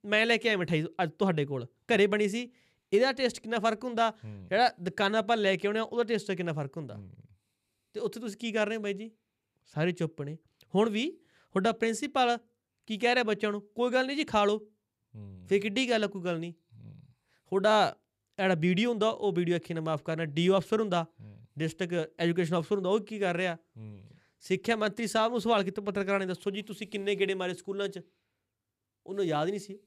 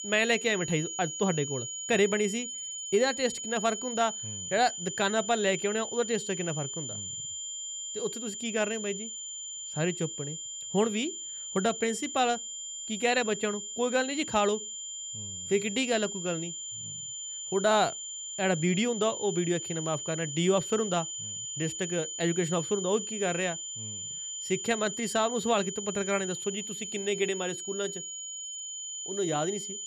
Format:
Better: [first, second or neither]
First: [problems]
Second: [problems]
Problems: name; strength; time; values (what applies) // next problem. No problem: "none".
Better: first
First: none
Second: high-pitched whine; loud; throughout; 7 kHz, 6 dB below the speech